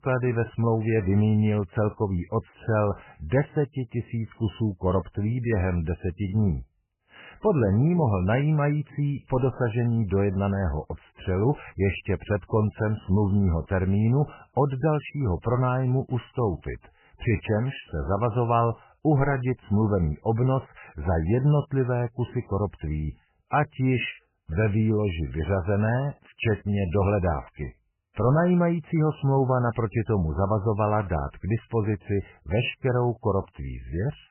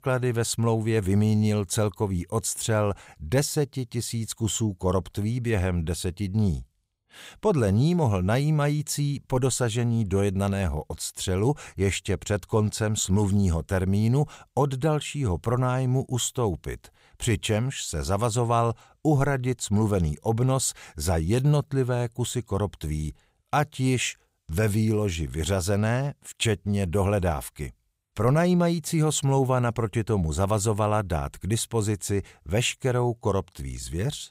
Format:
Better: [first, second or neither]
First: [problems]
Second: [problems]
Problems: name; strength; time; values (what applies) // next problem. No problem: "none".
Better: second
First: garbled, watery; badly; nothing above 3 kHz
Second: none